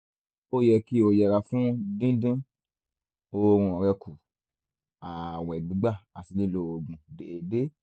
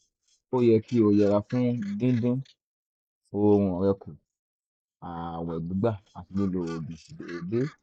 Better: first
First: none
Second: noise reduction (neural mask model Resemble Enhance denoiser)

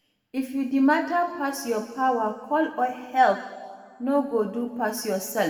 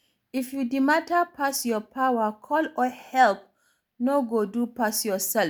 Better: second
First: room echo; dies away in 1.6 s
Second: none

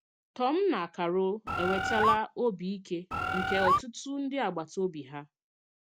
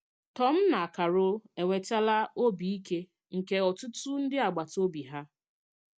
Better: second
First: background sound (Bird); 4 dB above the speech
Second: none

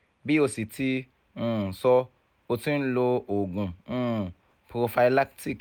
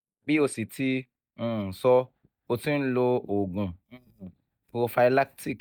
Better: first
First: none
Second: noise reduction (neural mask model DeepFilterNet 3)

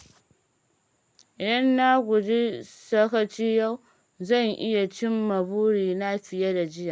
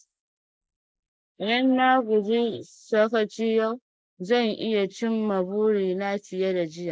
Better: first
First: none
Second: noise reduction (neural mask model Resemble Enhance denoiser)

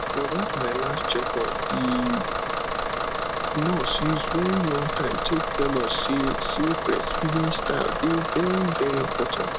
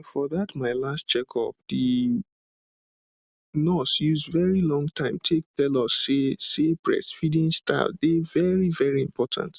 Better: second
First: background sound (Bus / Engine); as loud as the speech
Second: none

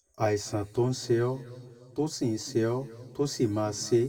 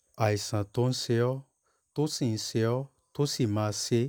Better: second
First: room echo; dies away in 2 s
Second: none

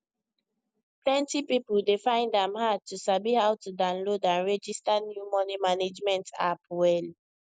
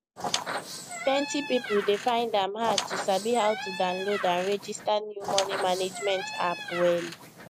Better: first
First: none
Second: background sound (Squeak); 7 dB below the speech

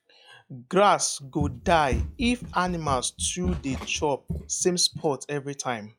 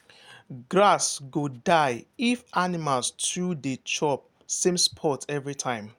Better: second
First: noise reduction (classical method log-MMSE)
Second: none

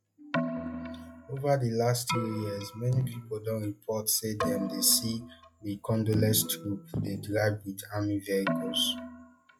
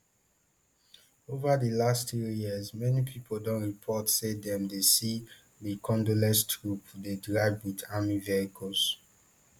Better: second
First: noise reduction (classical method log-MMSE)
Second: none

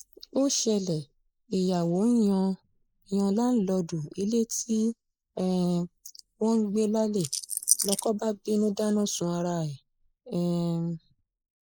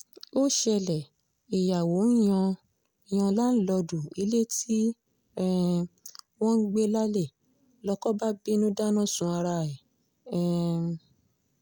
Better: second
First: noise reduction (neural mask model Resemble Enhance denoiser)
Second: none

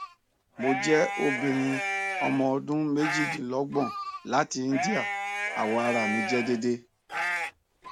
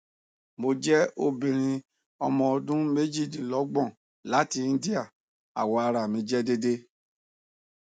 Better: second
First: background sound (Livestock, farm animals, working animals); 4 dB below the speech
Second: none

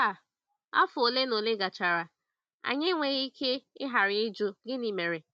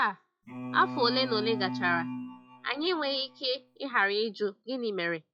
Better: first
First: none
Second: noise reduction (classical method log-MMSE)

